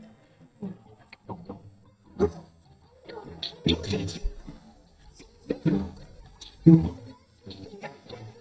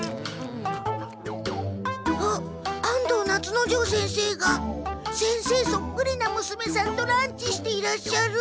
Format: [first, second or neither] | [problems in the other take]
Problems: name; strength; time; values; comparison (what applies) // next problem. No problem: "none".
second | noise reduction (neural mask model DeepFilterNet 3)